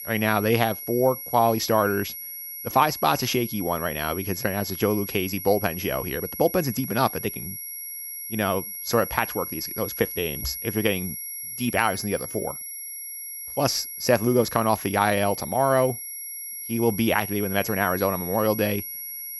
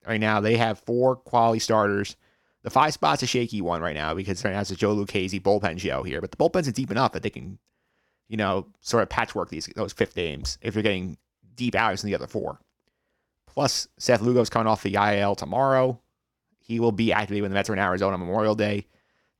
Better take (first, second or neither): second